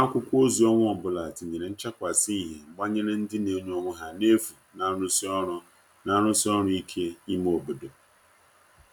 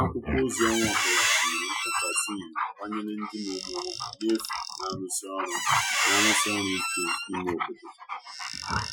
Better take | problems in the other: first | noise reduction (classical method Wiener filter)

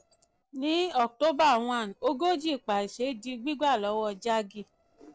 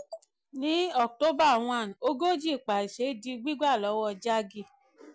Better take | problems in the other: second | noise reduction (neural separator model SepFormer DNS4)

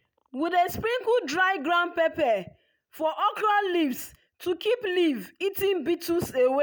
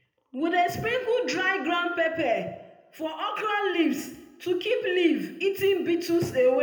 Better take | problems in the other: first | room echo; dies away in 0.7 s

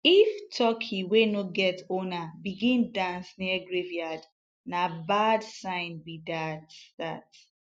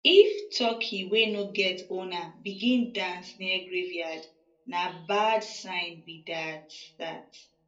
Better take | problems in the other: first | room echo; dies away in 0.2 s

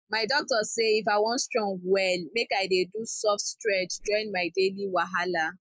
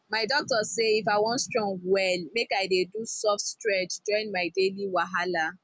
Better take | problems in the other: second | noise reduction (neural mask model Resemble Enhance denoiser)

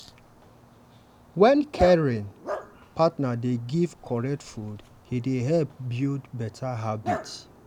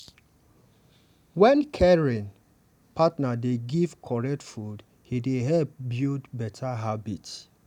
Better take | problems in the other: second | background sound (Dog); 13 dB below the speech

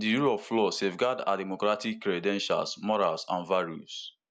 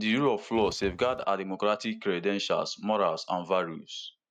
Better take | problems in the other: first | noise reduction (neural mask model RNNoise)

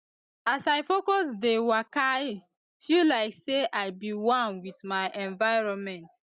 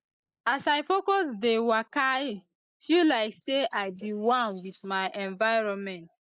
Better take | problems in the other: first | noise reduction (neural mask model Resemble Enhance denoiser)

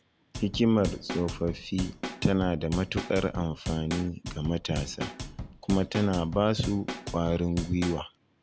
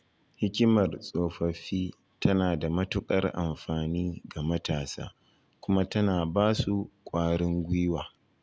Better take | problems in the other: second | background sound (Drum / Drum kit); 9 dB below the speech

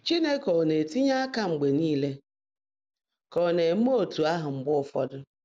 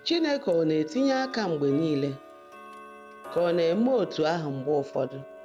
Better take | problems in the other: first | background sound (Tick-tock); 17 dB below the speech

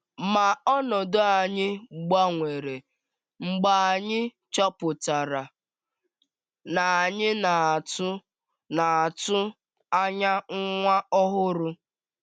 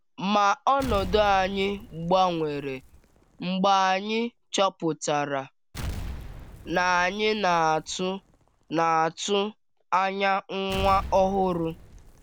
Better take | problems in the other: first | background sound (Explosion); 15 dB below the speech

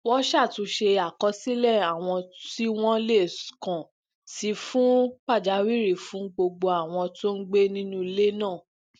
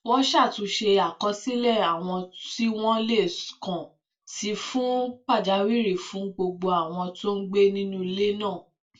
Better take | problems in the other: first | room echo; dies away in 0.2 s

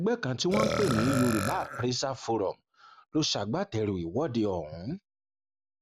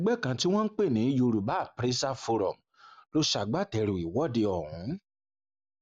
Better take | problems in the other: second | background sound (Burping, eructation); 4 dB below the speech

